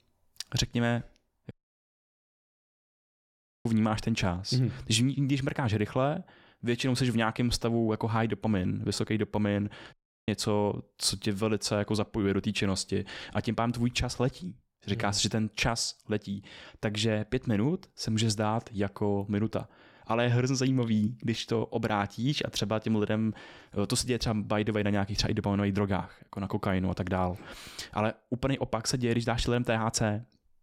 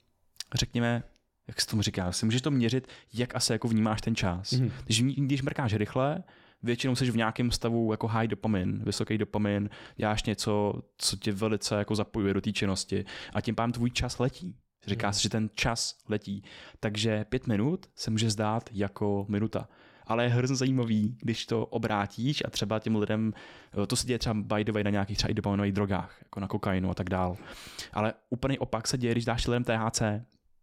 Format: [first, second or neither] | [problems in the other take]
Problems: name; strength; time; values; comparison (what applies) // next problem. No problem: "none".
second | audio cutting out; at 1.5 s for 2 s and at 10 s